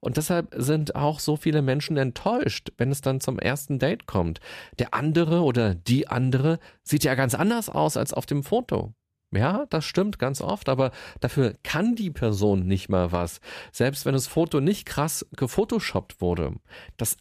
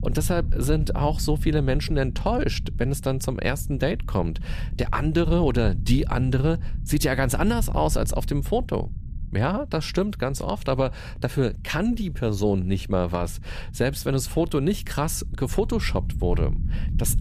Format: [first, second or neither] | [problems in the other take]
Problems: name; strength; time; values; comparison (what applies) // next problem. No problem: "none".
first | low rumble; noticeable; throughout; 20 dB below the speech